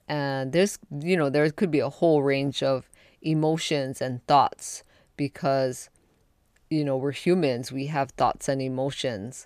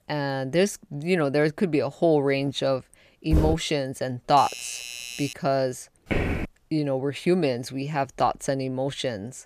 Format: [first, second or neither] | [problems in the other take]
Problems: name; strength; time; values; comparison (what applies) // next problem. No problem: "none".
first | footsteps; noticeable; at 3.5 s and at 6 s; peak 1 dB below the speech // doorbell; noticeable; from 4.5 to 5.5 s; peak 8 dB below the speech